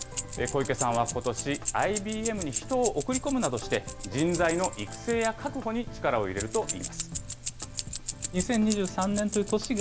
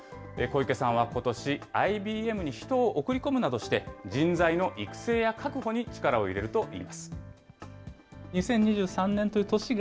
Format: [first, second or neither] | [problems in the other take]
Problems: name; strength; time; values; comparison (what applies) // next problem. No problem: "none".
second | background sound (Keys jangling); 7 dB below the speech